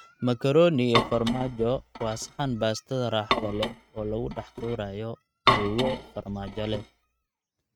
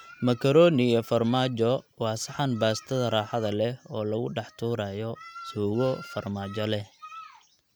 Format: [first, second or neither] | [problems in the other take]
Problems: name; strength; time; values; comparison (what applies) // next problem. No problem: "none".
second | noise reduction (neural mask model RNNoise)